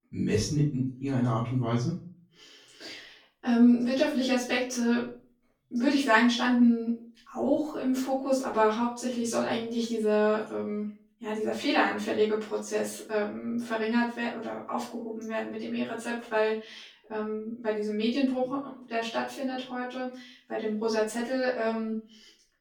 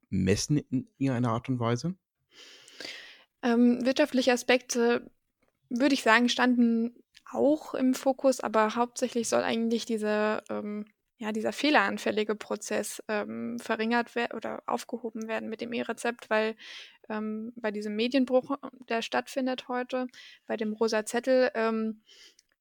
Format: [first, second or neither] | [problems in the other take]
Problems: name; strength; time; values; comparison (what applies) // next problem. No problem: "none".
second | off-mic speech; far // room echo; noticeable; dies away in 0.3 s